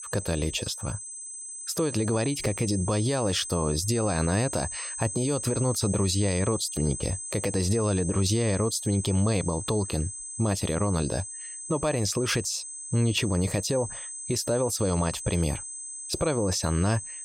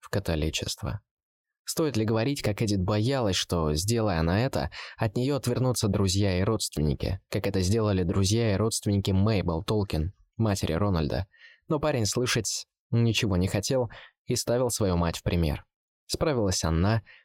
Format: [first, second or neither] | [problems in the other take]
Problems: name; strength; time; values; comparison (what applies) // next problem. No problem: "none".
second | high-pitched whine; loud; throughout; 8 kHz, 7 dB below the speech